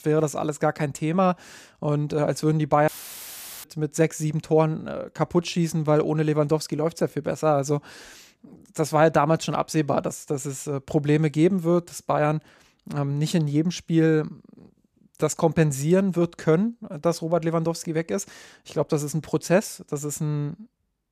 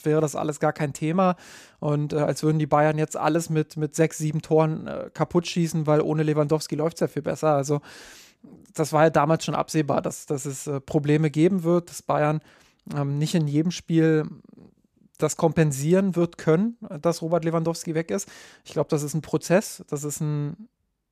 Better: second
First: audio cutting out; filled with static; at 3 s for 1 s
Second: none

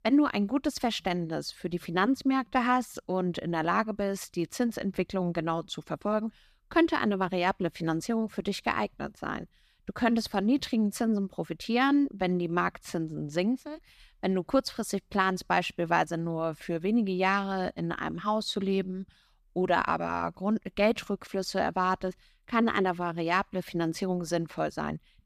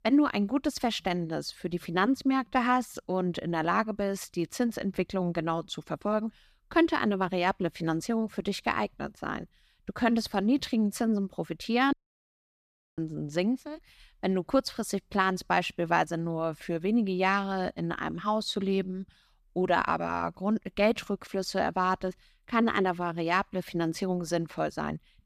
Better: first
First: none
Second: audio cutting out; at 12 s for 1 s

